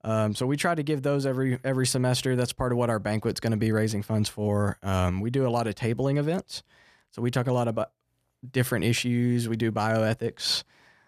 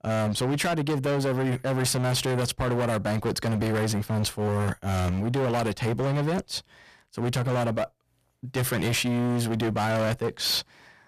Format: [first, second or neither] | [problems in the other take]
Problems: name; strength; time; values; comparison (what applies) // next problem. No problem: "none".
first | distortion; heavy; 29% of the sound clipped